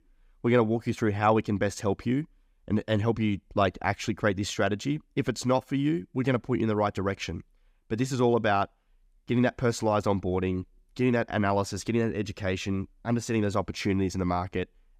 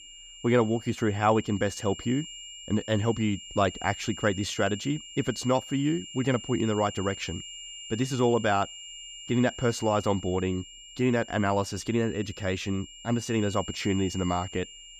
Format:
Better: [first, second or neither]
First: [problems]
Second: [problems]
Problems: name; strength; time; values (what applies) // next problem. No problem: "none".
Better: first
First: none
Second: high-pitched whine; noticeable; throughout; 3 kHz, 15 dB below the speech